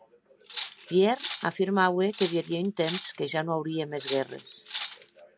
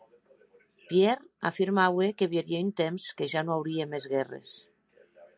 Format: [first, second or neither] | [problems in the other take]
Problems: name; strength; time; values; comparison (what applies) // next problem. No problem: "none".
second | background sound (Cutlery, silverware); 12 dB below the speech